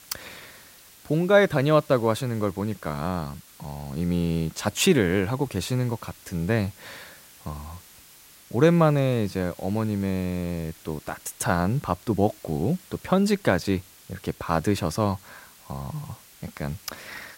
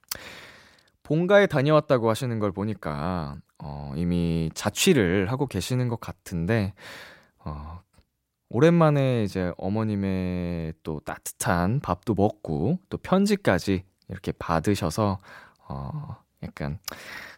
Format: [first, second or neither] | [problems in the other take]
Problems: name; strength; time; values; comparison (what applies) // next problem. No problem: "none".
second | hiss; faint; throughout; 25 dB below the speech